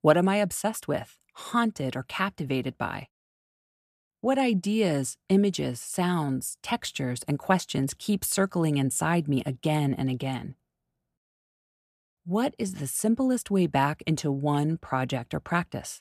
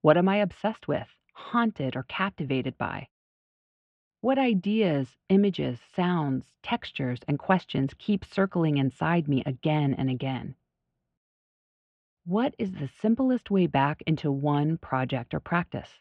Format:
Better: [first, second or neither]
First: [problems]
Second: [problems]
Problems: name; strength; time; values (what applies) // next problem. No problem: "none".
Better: first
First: none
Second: muffled; very; fading above 3 kHz